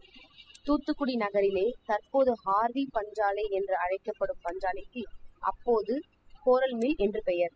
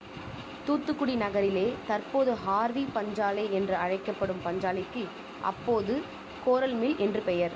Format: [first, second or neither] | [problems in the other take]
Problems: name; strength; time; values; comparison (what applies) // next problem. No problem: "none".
second | noise reduction (classical method spectral subtraction)